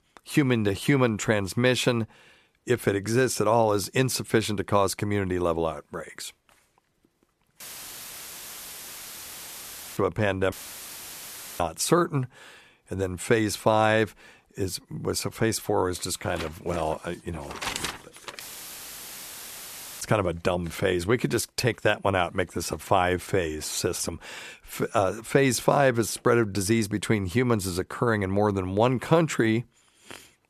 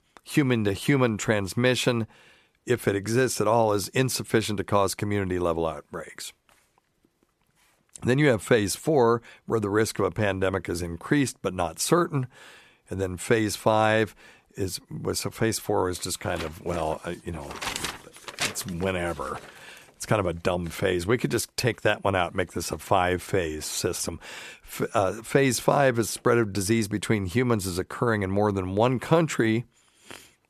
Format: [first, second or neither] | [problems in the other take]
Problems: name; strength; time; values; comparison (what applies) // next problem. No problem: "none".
second | audio cutting out; filled with static; at 7.5 s for 2.5 s, at 11 s for 1 s and at 18 s for 1.5 s